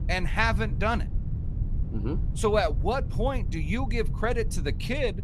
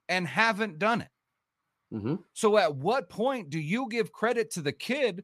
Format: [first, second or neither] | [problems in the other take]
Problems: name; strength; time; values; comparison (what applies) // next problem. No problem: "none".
second | low rumble; noticeable; throughout; 20 dB below the speech